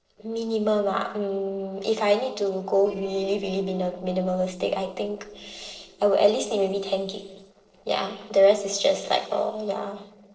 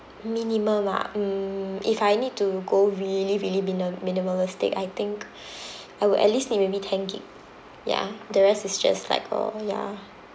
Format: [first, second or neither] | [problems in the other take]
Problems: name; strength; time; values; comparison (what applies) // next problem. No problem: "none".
second | noise reduction (neural separator model SepFormer DNS4)